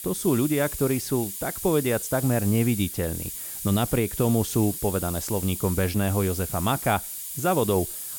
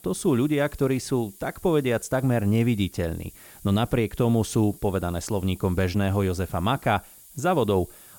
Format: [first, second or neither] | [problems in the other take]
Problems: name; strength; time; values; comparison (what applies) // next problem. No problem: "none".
second | hiss; loud; throughout; 7 dB below the speech; faint in the second